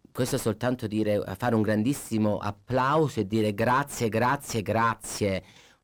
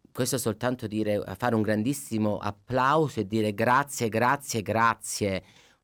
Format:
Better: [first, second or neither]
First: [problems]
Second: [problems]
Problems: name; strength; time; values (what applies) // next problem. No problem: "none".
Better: second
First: distortion; slight; 10 dB below the speech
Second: none